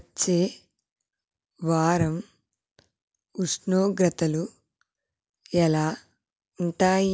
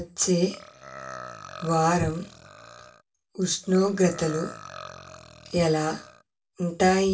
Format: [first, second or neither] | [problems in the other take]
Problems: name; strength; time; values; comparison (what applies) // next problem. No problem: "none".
first | background sound (Burping, eructation); 17 dB below the speech // room echo; dies away in 0.2 s